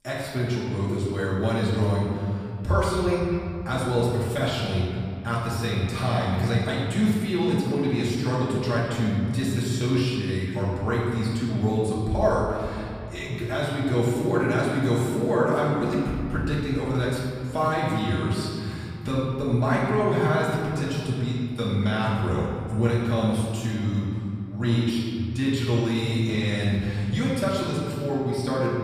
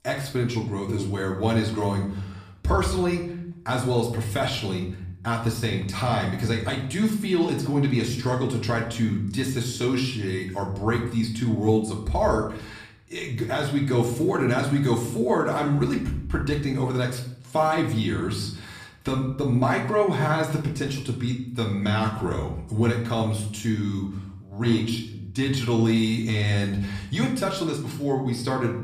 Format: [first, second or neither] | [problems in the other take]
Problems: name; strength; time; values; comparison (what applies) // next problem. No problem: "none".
second | room echo; strong; dies away in 2.5 s; slight in the second // off-mic speech; far; far in the second